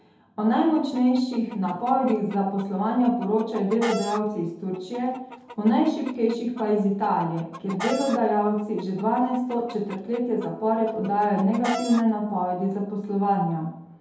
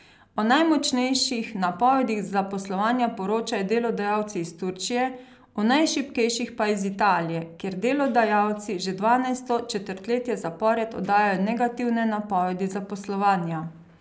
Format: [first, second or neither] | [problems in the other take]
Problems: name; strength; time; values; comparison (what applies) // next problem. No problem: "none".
second | background sound (Chicken, rooster); 15 dB below the speech // room echo; dies away in 0.8 s